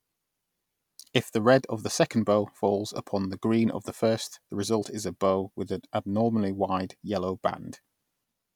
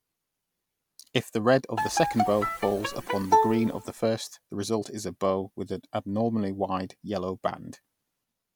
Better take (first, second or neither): first